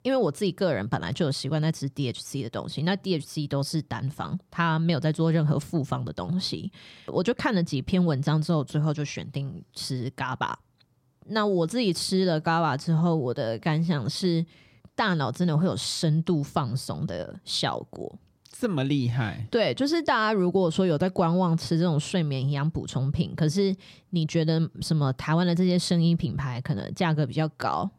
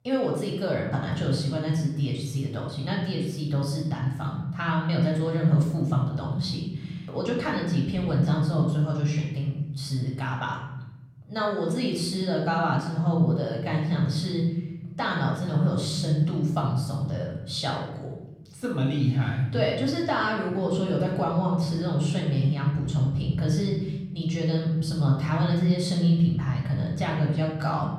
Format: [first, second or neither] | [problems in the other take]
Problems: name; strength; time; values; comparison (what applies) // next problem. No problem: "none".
first | off-mic speech; far // room echo; noticeable; dies away in 1.6 s